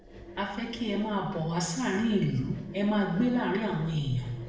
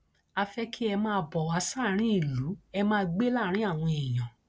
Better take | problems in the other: second | background sound (Engine); 18 dB below the speech // room echo; dies away in 0.9 s

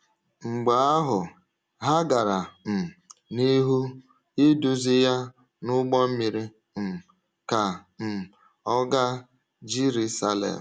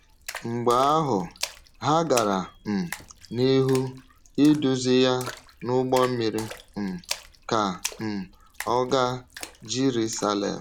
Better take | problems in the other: first | background sound (Splash, splatter); 16 dB below the speech

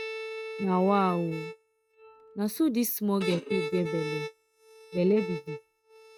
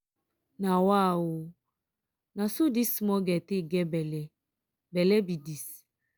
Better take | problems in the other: second | noise reduction (neural mask model RNNoise)

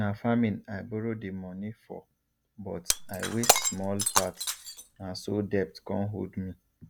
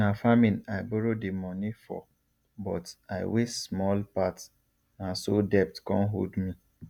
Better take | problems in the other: second | background sound (Shatter); 1 dB above the speech

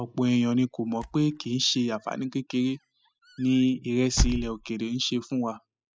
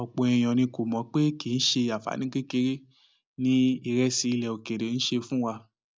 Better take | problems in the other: second | noise reduction (classical method spectral subtraction)

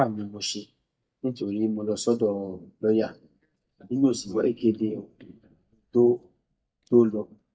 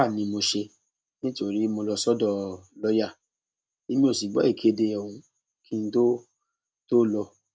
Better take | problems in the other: second | noise reduction (neural mask model DeepFilterNet 3)

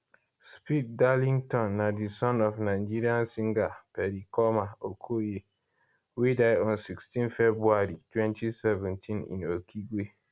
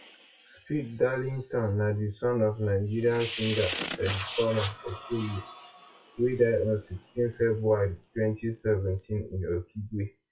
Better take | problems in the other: first | noise reduction (classical method WPE with log-MMSE)

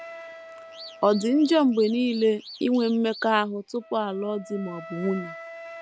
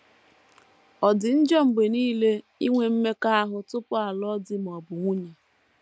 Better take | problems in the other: second | background sound (Alarm / Car + Wind instrument, woodwind instrument); 17 dB below the speech

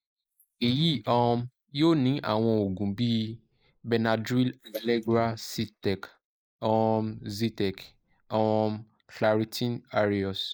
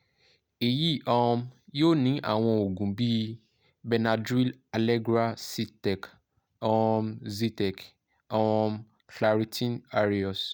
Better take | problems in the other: second | noise reduction (neural mask model Resemble Enhance denoiser)

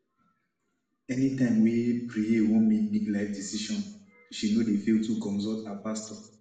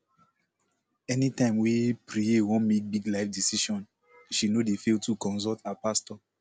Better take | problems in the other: second | room echo; dies away in 0.7 s

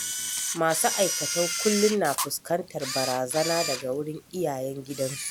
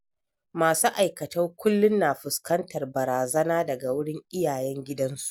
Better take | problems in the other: second | background sound (Camera); 5 dB below the speech

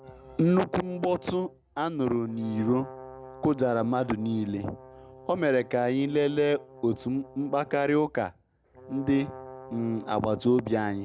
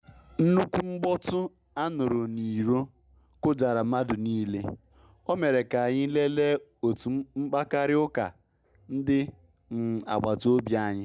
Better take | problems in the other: second | background sound (Brass instrument); 19 dB below the speech

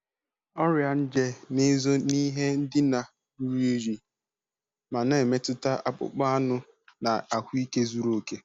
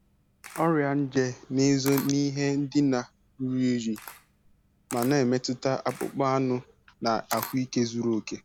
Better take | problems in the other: first | background sound (Camera); 18 dB below the speech

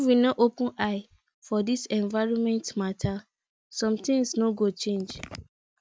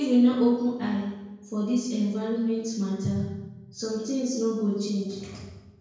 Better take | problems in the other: first | room echo; dies away in 1 s

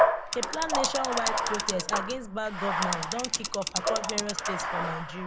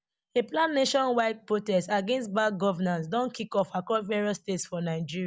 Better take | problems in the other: second | background sound (Mechanisms / Bicycle + Bathtub (filling or washing)); 4 dB above the speech

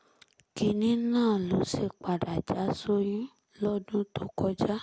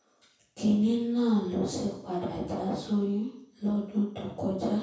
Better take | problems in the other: first | room echo; dies away in 0.6 s

